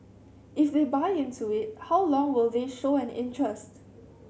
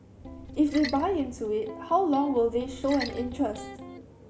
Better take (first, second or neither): first